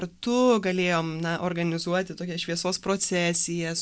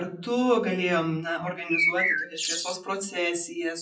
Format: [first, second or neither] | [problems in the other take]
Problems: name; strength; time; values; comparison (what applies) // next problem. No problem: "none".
first | noise reduction (classical method WPE with log-MMSE)